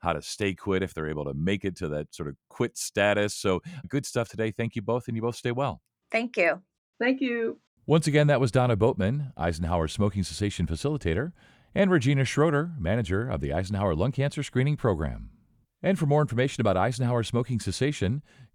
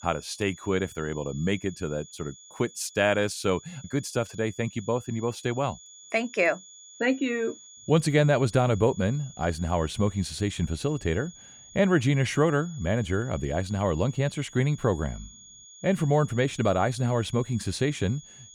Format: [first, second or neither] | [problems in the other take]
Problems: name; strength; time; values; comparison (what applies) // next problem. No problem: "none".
first | high-pitched whine; noticeable; throughout; 6.5 kHz, 20 dB below the speech